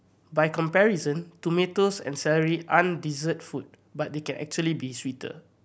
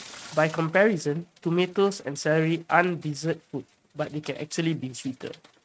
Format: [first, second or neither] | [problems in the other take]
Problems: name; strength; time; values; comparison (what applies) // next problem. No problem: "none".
first | noise reduction (neural mask model RNNoise)